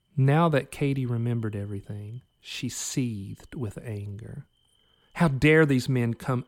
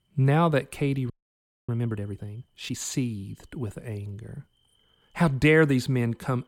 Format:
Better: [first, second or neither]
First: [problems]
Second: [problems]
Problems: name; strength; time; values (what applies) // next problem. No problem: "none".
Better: first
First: none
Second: audio freezing; at 1 s for 0.5 s